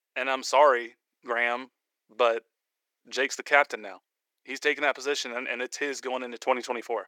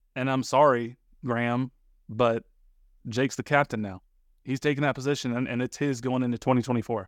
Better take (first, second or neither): second